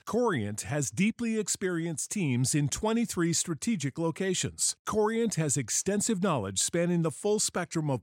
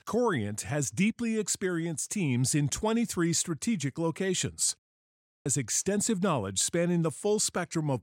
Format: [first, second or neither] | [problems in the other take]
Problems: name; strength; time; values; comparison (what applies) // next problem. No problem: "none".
first | audio cutting out; at 5 s for 0.5 s